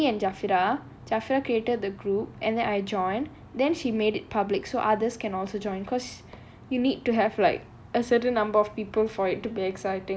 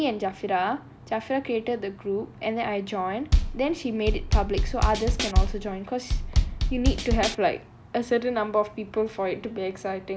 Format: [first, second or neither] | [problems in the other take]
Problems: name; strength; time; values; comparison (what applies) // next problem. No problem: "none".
first | background sound (Bass drum / Snare drum / Drum kit); 4 dB above the speech